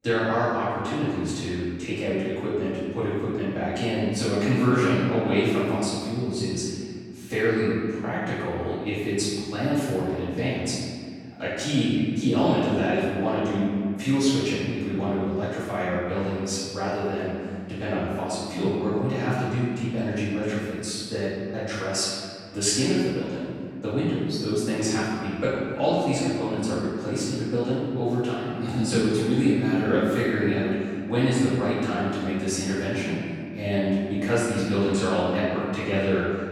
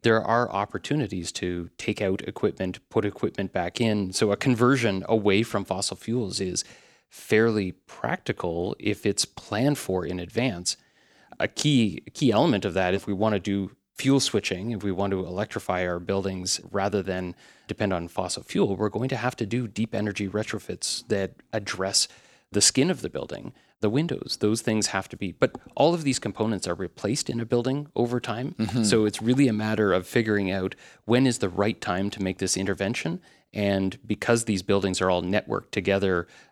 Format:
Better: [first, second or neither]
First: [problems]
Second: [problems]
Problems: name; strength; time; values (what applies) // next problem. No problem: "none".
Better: second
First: off-mic speech; far // room echo; strong; dies away in 2.1 s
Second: none